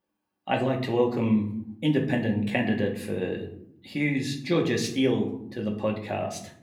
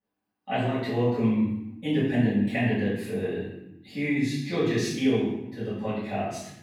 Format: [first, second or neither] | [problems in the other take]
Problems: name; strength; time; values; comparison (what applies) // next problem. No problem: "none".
first | room echo; strong; dies away in 0.8 s; slight in the first // off-mic speech; far; somewhat distant in the first